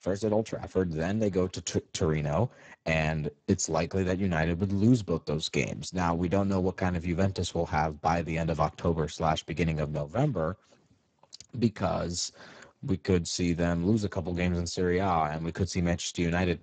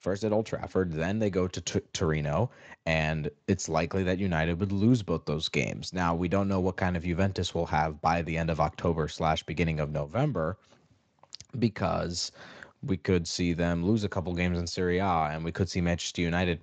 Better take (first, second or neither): second